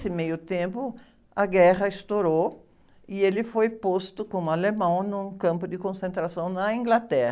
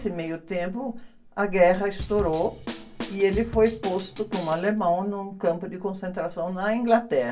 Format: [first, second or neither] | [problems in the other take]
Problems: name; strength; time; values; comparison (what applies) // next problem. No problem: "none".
first | background sound (Drum kit); 11 dB below the speech // room echo; dies away in 0.2 s